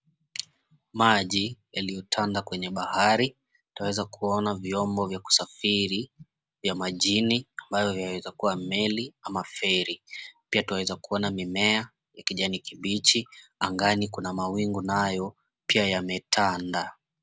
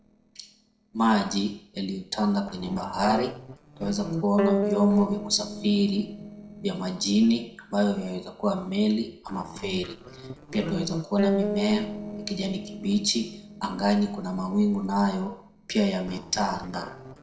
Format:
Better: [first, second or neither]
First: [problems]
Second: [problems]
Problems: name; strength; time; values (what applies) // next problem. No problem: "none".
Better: first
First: none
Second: noise reduction (neural separator model SepFormer DNS4)